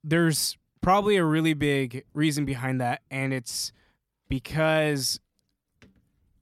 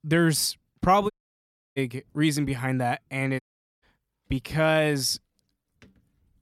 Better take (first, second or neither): first